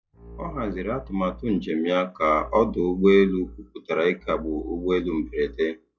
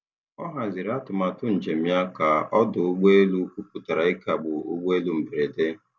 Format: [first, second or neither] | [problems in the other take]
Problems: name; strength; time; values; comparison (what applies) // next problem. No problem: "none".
second | noise reduction (classical method log-MMSE)